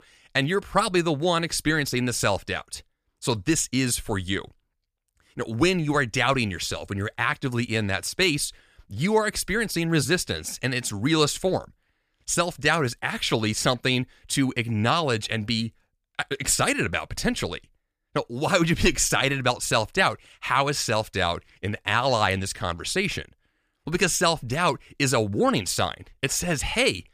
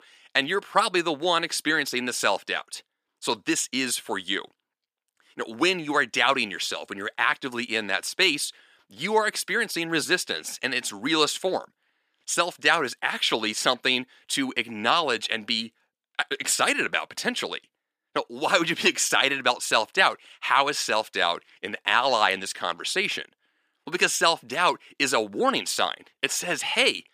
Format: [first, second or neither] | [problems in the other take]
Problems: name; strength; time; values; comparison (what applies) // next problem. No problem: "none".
first | thin; somewhat; fading below 250 Hz